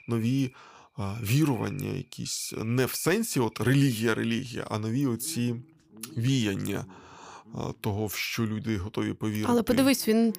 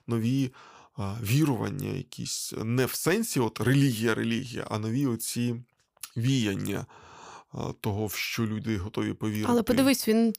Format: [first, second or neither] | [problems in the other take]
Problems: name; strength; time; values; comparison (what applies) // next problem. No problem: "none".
second | animal sounds; faint; throughout; 25 dB below the speech